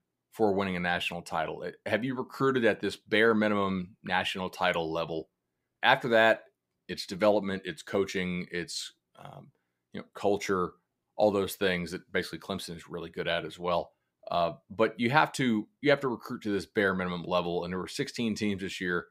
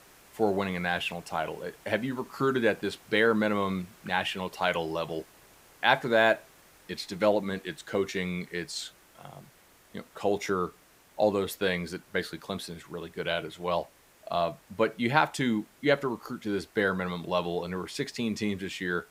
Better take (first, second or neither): first